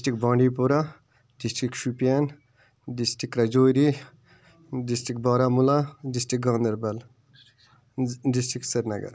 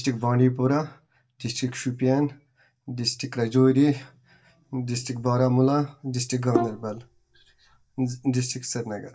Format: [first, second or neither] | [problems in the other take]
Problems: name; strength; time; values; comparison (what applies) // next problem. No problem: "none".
first | noise reduction (neural mask model DeepFilterNet 3)